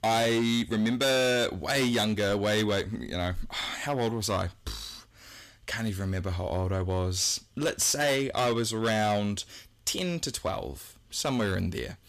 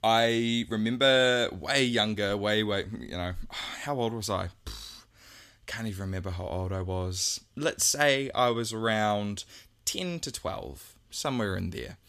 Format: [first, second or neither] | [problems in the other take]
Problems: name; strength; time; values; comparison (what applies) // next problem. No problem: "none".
second | distortion; heavy; 11% of the sound clipped